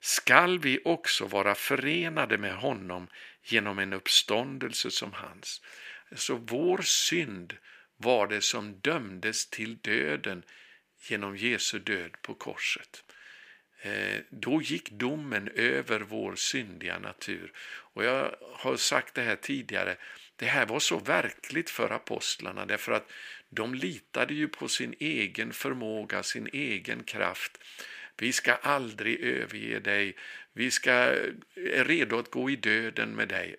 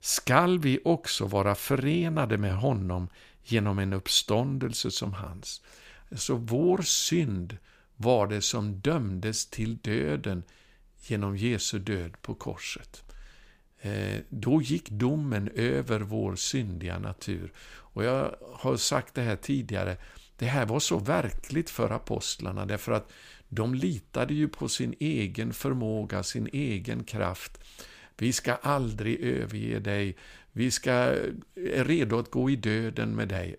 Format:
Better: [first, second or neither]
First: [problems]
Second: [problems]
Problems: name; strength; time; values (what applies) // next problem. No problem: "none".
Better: second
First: thin; somewhat; fading below 300 Hz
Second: none